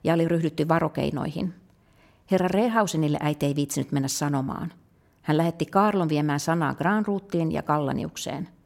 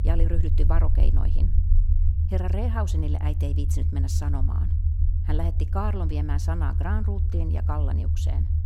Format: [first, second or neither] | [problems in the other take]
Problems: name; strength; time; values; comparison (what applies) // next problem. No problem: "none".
first | low rumble; loud; throughout; 6 dB below the speech